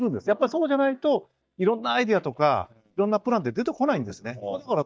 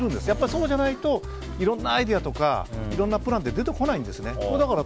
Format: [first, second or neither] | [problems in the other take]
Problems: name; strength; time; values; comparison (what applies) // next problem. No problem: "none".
second | noise reduction (neural mask model DeepFilterNet 3)